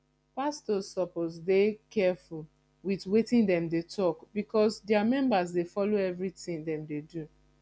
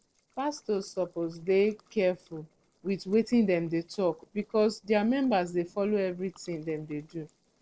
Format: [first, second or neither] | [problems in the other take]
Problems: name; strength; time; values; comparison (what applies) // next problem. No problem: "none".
first | noise reduction (neural separator model SepFormer DNS4)